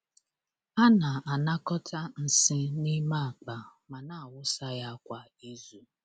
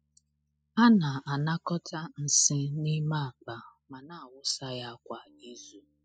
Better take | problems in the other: first | noise reduction (classical method spectral subtraction)

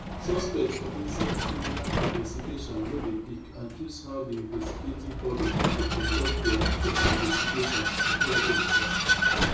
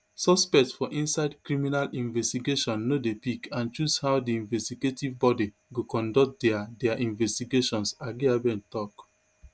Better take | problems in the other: second | background sound (Vehicle); 5 dB above the speech // room echo; dies away in 0.6 s

